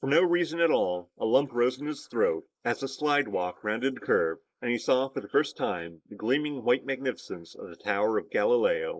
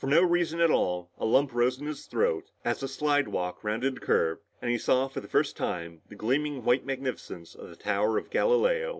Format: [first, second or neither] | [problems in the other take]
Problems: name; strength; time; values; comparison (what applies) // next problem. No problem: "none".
second | noise reduction (neural mask model Resemble Enhance denoiser)